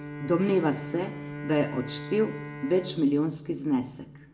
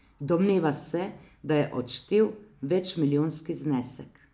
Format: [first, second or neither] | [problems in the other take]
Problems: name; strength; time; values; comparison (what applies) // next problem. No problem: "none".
second | background sound (Bowed string instrument); 11 dB below the speech // room echo; dies away in 1.6 s